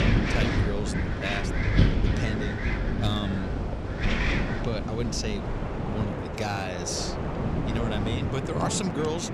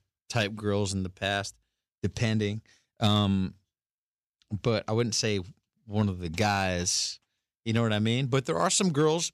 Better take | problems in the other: second | wind in the background; very loud; throughout; 4 dB above the speech

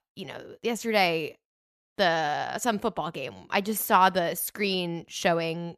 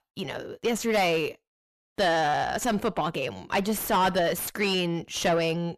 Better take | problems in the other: first | distortion; heavy; 6 dB below the speech

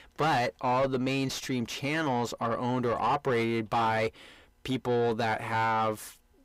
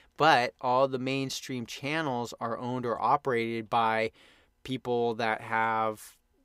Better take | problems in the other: second | distortion; heavy; 6 dB below the speech

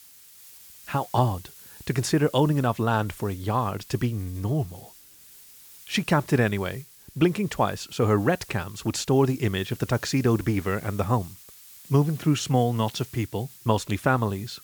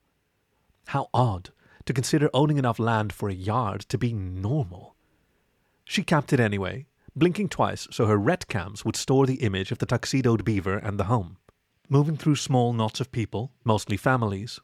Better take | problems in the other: second | hiss; faint; throughout; 20 dB below the speech

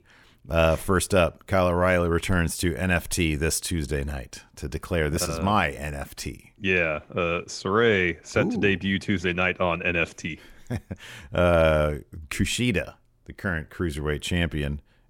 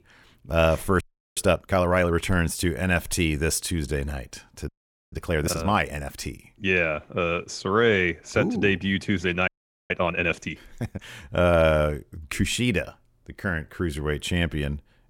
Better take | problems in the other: first | audio freezing; at 1 s, at 4.5 s and at 9.5 s

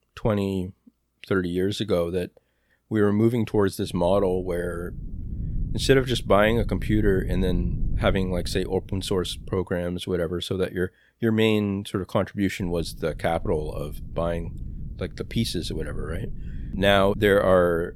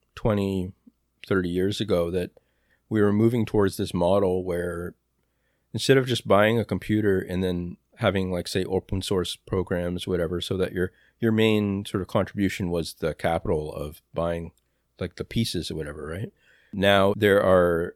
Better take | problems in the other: second | low rumble; faint; from 4 to 9.5 s and from 13 s on; 25 dB below the speech

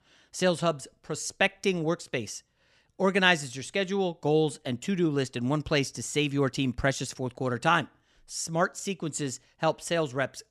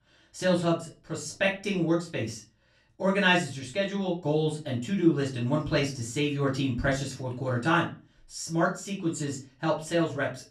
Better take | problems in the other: first | off-mic speech; far // room echo; slight; dies away in 0.3 s

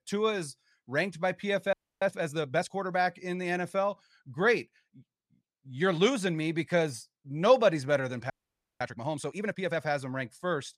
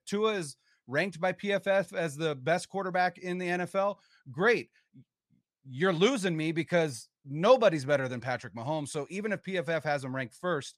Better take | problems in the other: second | audio freezing; at 1.5 s and at 8.5 s for 0.5 s

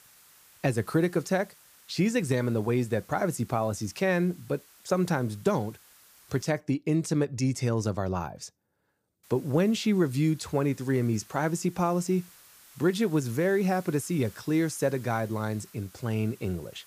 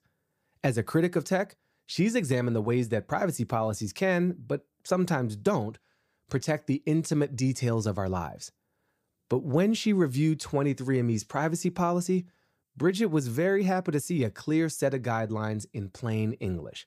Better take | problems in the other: second | hiss; faint; until 6.5 s and from 9 s on; 25 dB below the speech

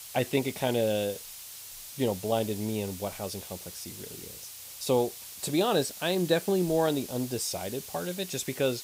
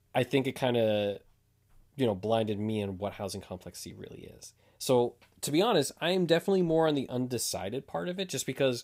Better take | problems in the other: second | hiss; noticeable; throughout; 10 dB below the speech

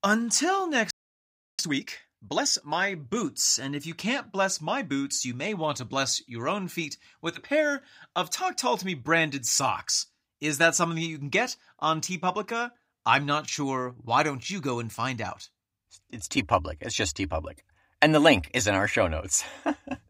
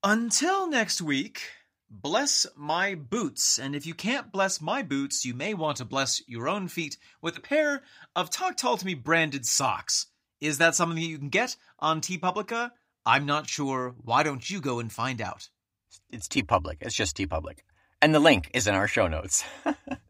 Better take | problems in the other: second | audio freezing; at 1 s for 0.5 s

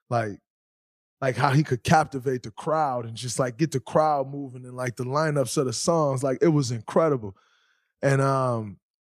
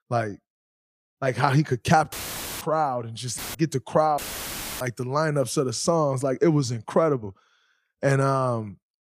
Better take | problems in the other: first | audio cutting out; filled with static; at 2 s, at 3.5 s and at 4 s for 0.5 s

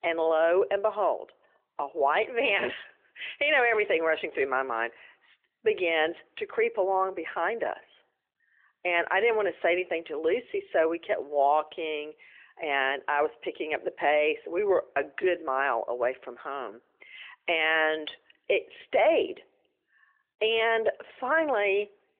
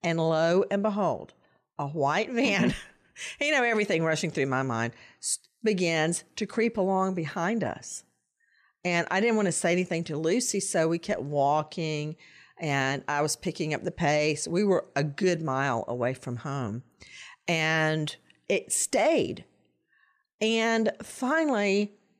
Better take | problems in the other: second | phone-call audio; nothing above 3 kHz

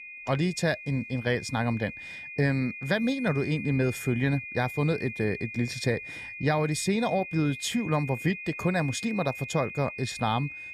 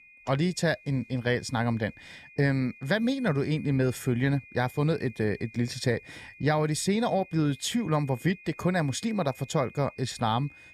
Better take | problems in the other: second | high-pitched whine; loud; throughout; 2.5 kHz, 9 dB below the speech; faint in the second

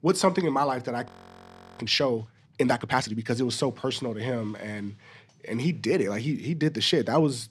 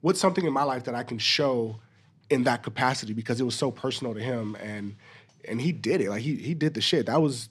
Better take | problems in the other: second | audio freezing; at 1 s for 0.5 s

